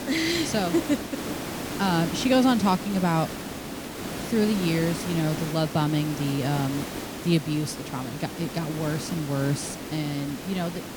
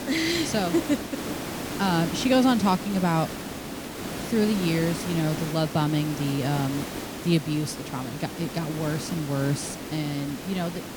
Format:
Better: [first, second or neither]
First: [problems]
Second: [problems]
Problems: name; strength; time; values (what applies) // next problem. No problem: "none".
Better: neither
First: hiss; loud; throughout; 7 dB below the speech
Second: hiss; loud; throughout; 7 dB below the speech